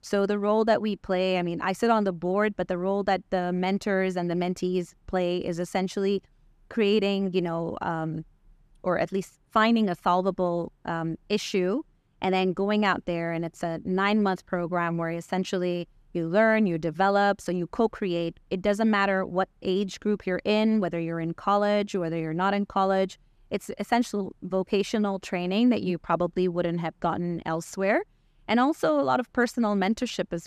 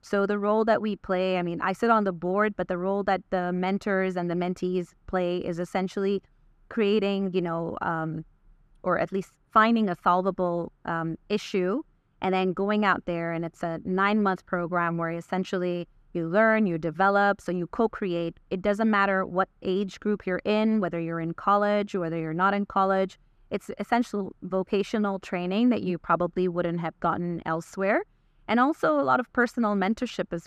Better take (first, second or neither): first